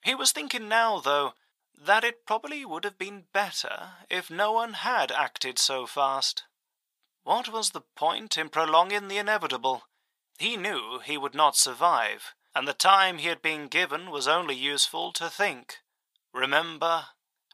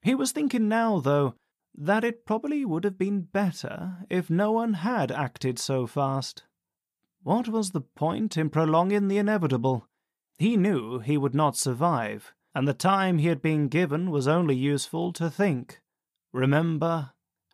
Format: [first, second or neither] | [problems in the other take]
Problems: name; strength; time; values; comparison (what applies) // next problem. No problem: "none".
second | thin; very; fading below 900 Hz